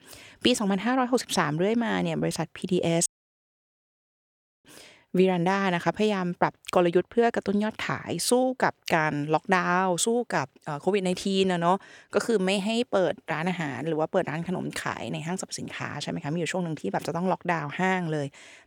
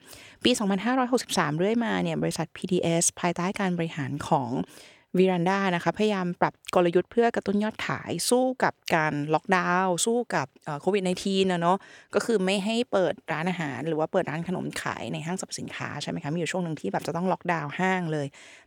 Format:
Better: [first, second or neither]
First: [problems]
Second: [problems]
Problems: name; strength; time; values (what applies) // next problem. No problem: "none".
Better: second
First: audio cutting out; at 3 s for 1.5 s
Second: none